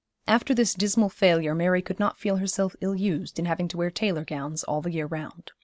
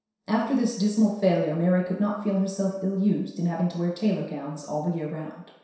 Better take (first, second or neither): first